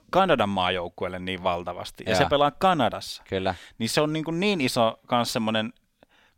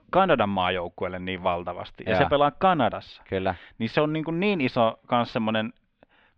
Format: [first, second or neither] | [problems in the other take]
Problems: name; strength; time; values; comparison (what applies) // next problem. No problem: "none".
first | muffled; slightly; fading above 3 kHz